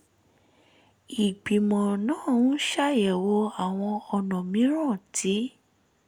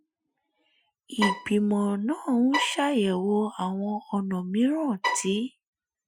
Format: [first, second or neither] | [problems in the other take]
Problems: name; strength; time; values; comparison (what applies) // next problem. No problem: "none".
first | noise reduction (classical method Wiener filter)